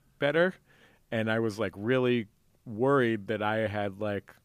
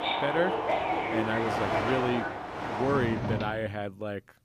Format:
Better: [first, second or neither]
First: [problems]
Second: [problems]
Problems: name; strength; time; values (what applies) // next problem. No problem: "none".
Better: first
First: none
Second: train or aircraft noise; very loud; until 3.5 s; 1 dB above the speech